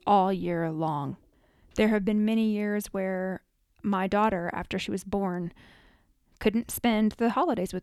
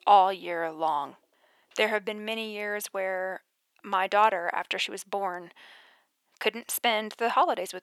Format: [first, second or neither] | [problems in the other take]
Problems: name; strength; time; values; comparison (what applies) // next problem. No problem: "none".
first | thin; very; fading below 700 Hz